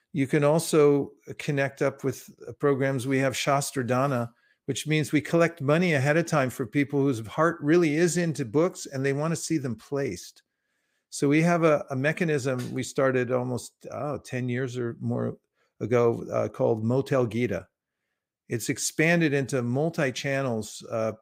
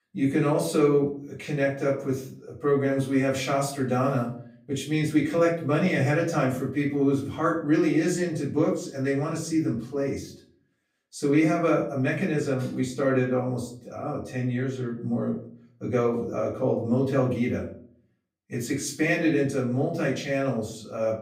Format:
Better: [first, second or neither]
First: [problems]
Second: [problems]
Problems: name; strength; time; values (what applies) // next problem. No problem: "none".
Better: first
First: none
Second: off-mic speech; far // room echo; slight; dies away in 0.4 s